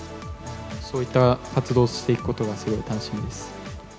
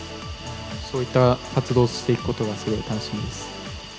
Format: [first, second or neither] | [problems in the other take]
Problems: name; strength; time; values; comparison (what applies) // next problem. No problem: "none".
first | background sound (Hiss); 17 dB below the speech